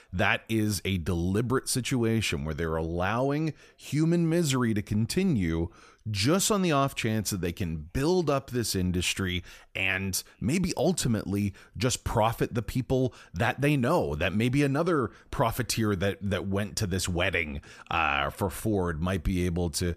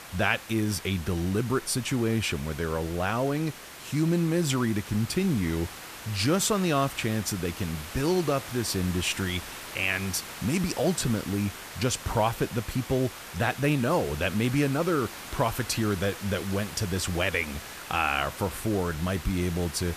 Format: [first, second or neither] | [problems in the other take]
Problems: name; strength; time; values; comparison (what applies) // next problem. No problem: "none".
first | hiss; noticeable; throughout; 10 dB below the speech